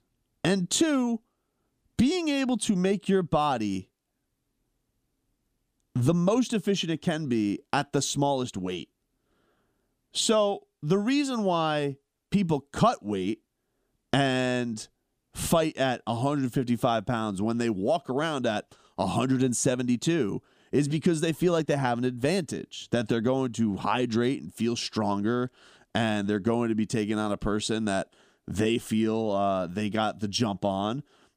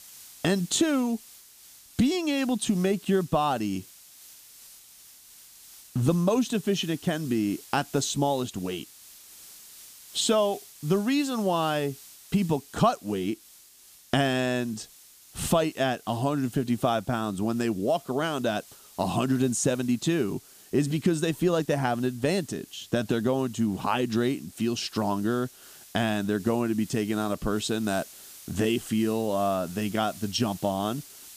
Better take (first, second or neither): first